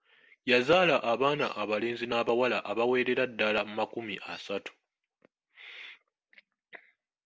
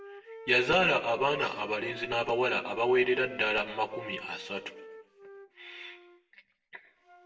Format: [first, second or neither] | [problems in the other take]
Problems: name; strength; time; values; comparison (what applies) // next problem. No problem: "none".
first | background sound (Wind instrument, woodwind instrument); 18 dB below the speech // room echo; dies away in 0.8 s